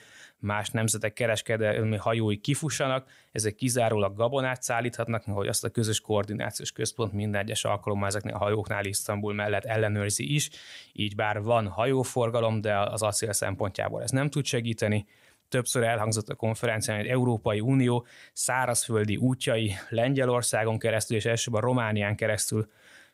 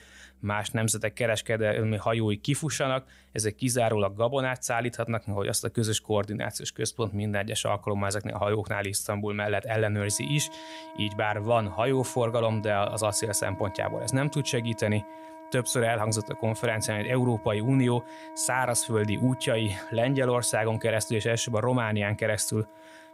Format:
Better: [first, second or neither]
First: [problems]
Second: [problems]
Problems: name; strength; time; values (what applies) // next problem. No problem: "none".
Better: first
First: none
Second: background music; noticeable; throughout; 15 dB below the speech